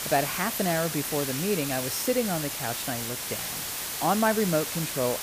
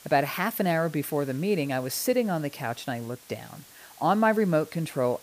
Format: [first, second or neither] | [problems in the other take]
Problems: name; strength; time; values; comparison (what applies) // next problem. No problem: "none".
second | hiss; loud; throughout; 2 dB below the speech; faint in the second